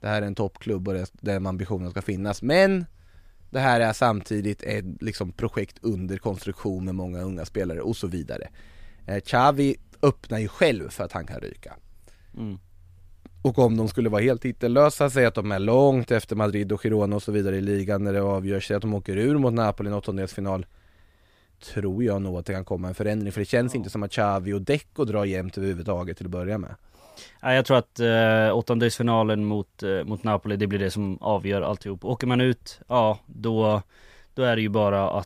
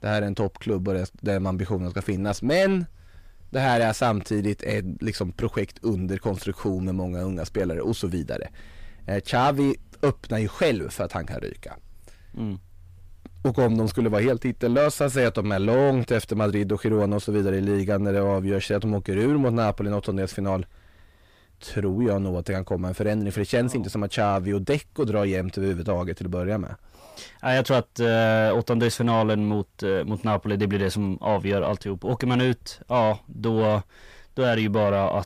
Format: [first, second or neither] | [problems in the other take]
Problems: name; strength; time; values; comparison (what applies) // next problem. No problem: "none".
first | distortion; slight; 10 dB below the speech